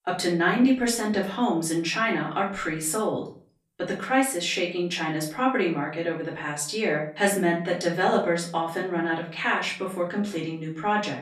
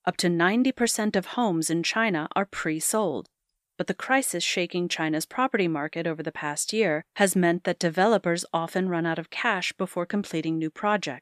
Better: second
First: off-mic speech; far // room echo; slight; dies away in 0.4 s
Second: none

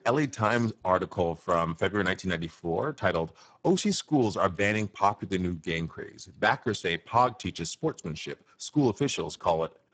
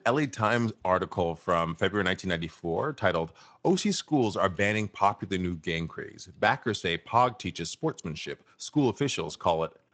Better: second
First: garbled, watery; badly; nothing above 8 kHz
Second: garbled, watery; slightly; nothing above 8 kHz

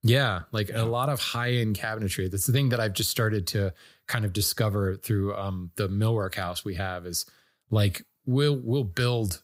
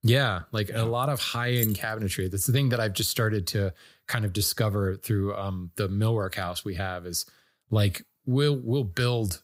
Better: first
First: none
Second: jangling keys; noticeable; at 1.5 s; peak 4 dB below the speech

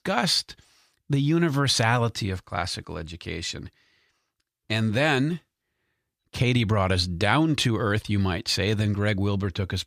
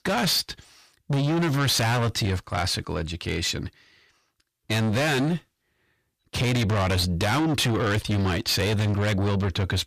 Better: first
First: none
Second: distortion; heavy; 6 dB below the speech

